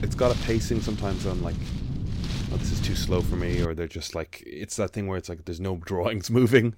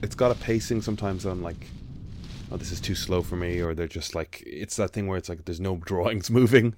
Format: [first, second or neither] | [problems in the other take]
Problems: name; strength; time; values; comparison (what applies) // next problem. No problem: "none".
second | wind noise on the microphone; heavy; until 3.5 s; 8 dB below the speech; occasional gusts in the second